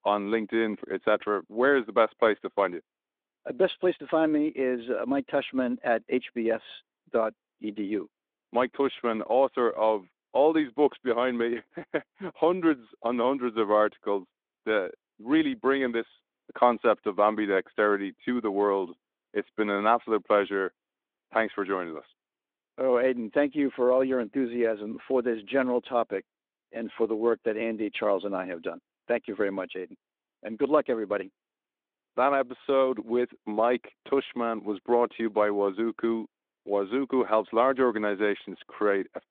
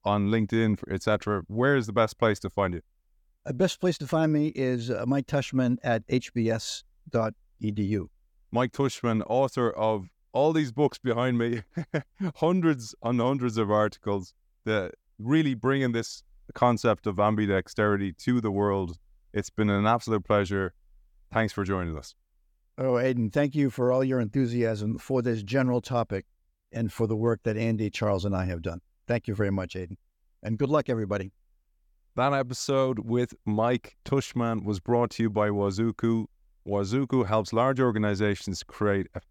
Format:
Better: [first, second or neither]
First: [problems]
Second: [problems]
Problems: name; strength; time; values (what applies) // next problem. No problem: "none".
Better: second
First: phone-call audio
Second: none